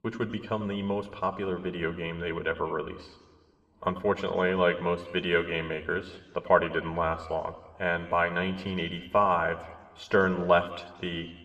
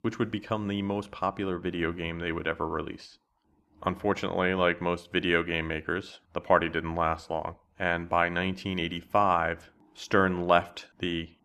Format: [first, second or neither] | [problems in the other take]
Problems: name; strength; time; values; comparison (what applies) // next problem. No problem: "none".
second | room echo; slight; dies away in 1.4 s